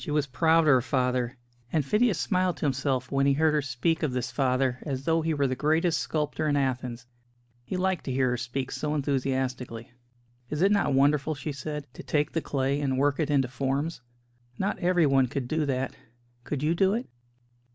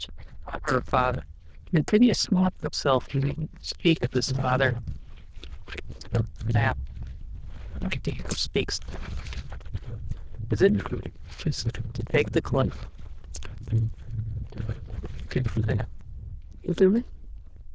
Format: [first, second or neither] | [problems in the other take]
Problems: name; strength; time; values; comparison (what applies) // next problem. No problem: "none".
first | noise reduction (neural diffusion model UNIVERSE++)